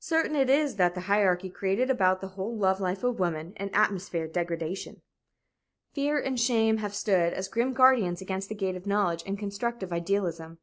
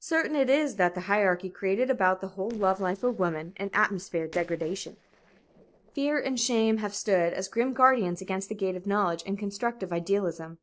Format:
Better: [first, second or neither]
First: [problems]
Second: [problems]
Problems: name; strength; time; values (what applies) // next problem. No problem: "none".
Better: first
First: none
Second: noise reduction (neural separator model SepFormer DNS4)